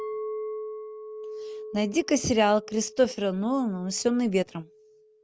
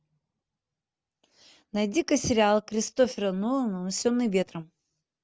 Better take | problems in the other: second | background sound (Chink, clink); 12 dB below the speech

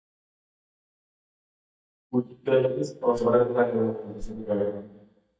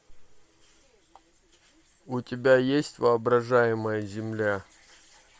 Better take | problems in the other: second | noise reduction (neural mask model DeepFilterNet 3)

